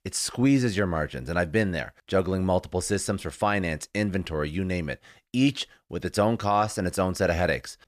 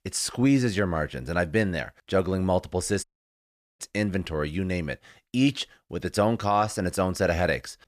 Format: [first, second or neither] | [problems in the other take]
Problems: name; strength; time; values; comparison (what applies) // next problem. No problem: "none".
first | audio cutting out; at 3 s for 1 s